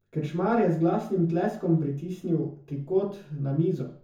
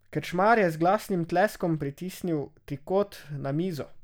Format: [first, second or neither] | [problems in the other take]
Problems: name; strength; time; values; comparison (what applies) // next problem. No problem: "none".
second | room echo; dies away in 0.6 s